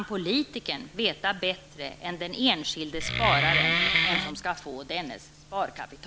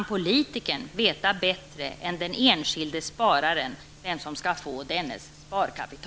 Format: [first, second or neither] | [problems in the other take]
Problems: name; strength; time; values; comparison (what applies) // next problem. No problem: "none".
second | background sound (Wood); 5 dB above the speech